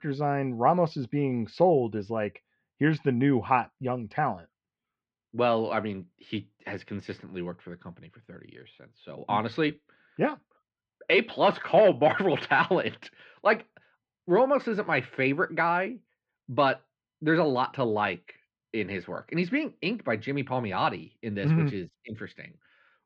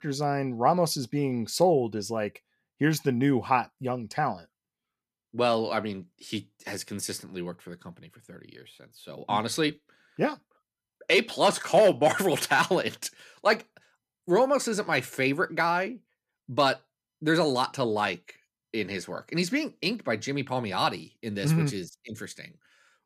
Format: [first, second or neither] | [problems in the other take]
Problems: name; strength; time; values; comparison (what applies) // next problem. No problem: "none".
second | muffled; slightly; fading above 3 kHz